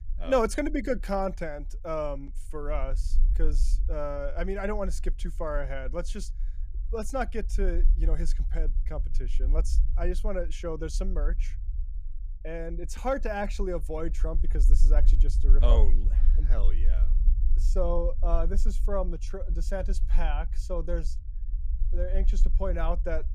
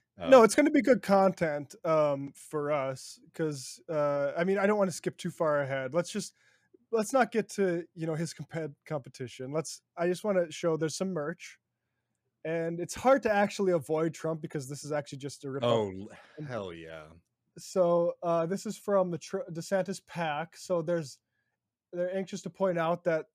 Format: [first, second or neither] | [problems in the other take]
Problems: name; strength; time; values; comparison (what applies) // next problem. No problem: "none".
second | low rumble; faint; throughout; 20 dB below the speech